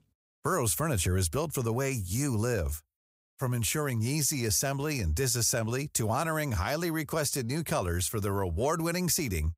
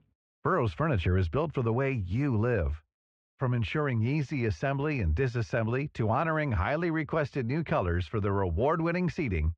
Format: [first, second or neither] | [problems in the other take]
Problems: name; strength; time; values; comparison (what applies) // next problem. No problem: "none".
first | muffled; very; fading above 3 kHz